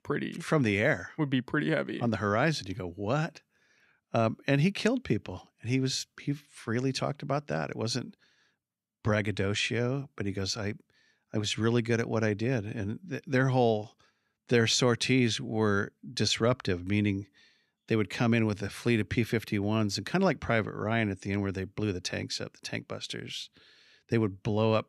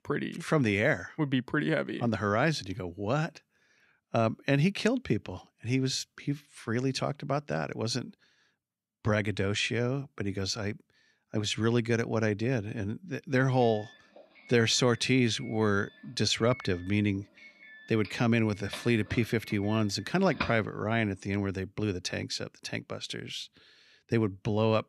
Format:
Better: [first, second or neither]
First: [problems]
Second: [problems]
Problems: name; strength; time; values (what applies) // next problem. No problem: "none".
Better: first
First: none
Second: doorbell; noticeable; from 17 to 21 s; peak 6 dB below the speech